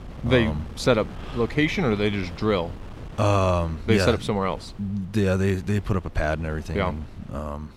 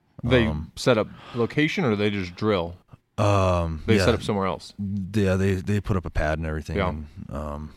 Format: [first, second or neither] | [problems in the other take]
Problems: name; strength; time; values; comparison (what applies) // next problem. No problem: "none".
second | wind noise on the microphone; occasional gusts; 20 dB below the speech